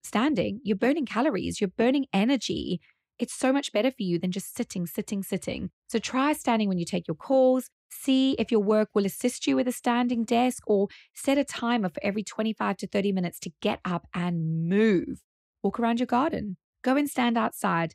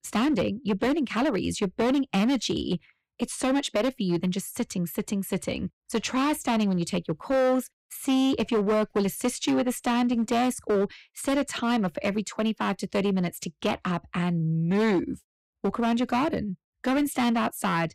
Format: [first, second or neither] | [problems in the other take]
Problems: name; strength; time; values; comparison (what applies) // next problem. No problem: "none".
first | distortion; slight; 11% of the sound clipped